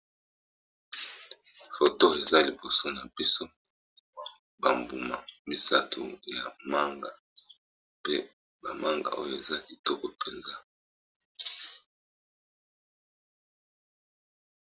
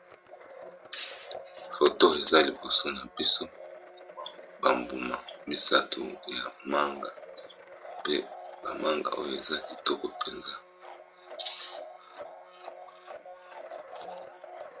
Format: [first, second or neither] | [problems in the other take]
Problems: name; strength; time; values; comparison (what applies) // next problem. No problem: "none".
first | background sound (Domestic sounds, home sounds); 14 dB below the speech